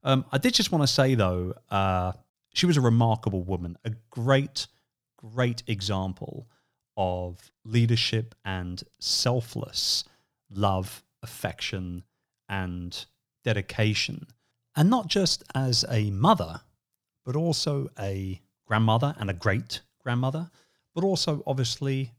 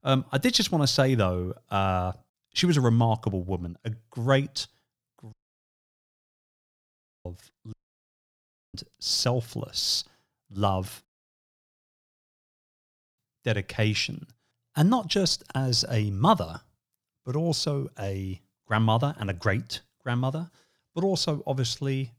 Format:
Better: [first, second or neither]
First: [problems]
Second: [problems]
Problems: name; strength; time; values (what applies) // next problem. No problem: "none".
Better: first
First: none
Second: audio cutting out; at 5.5 s for 2 s, at 7.5 s for 1 s and at 11 s for 2 s